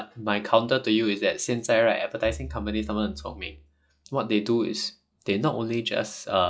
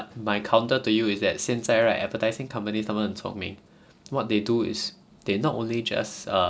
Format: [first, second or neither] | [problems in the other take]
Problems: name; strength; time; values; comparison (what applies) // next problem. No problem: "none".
second | noise reduction (classical method log-MMSE)